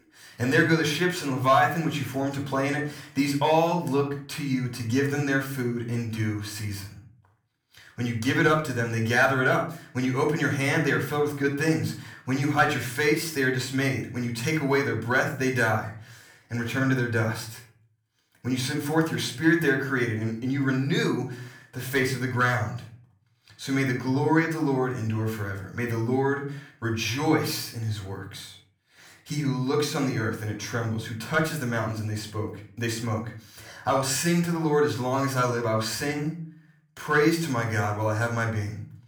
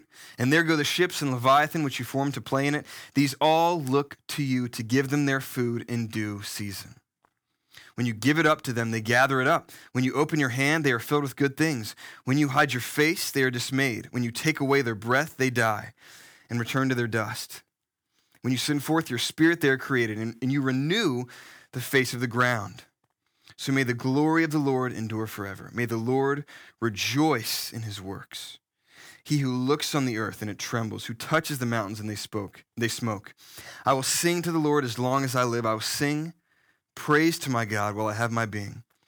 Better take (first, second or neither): second